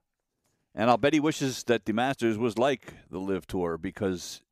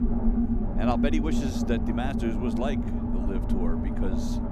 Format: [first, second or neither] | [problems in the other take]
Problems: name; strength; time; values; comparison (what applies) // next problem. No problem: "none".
first | low rumble; loud; throughout; as loud as the speech